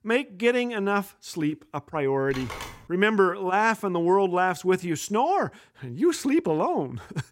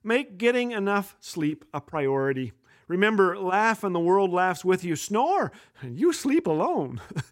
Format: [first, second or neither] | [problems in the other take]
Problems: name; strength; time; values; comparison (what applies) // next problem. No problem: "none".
second | phone ringing; faint; at 2.5 s; peak 10 dB below the speech